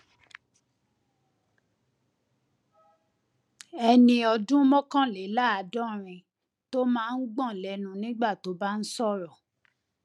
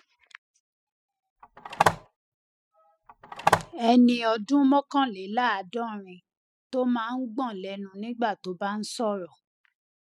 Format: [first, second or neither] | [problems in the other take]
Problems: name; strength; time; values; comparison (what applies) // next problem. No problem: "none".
first | noise reduction (classical method spectral subtraction)